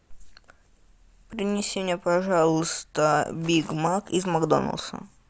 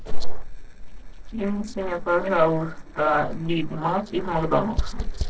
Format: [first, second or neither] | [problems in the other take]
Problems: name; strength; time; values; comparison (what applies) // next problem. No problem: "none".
first | noise reduction (neural separator model SepFormer DNS4)